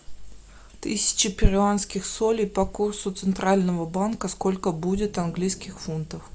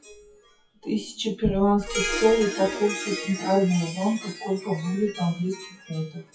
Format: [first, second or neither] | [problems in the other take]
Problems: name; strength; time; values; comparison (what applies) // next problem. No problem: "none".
first | noise reduction (classical method WPE with log-MMSE)